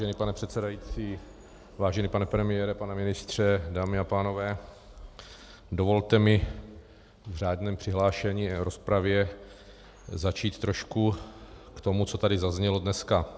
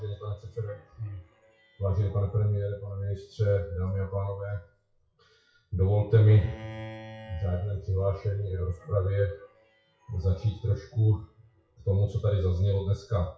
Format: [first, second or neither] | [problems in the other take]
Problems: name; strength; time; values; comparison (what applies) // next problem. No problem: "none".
first | noise reduction (classical method WPE with log-MMSE)